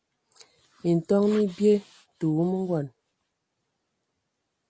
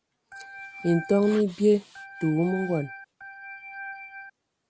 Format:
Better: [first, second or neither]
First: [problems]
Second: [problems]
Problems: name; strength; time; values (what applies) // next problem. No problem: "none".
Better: first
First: none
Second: background sound (Organ); 13 dB below the speech